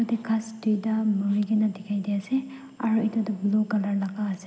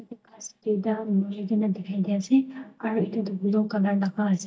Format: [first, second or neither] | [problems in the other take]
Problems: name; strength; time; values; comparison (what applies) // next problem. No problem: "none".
first | noise reduction (neural mask model DeepFilterNet 3)